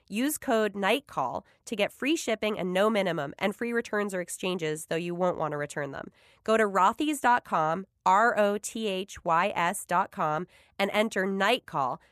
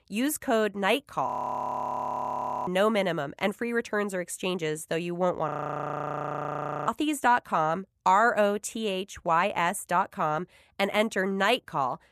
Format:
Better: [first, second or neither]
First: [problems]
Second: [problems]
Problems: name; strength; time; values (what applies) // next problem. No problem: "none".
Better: first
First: none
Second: audio freezing; at 1.5 s for 1.5 s and at 5.5 s for 1.5 s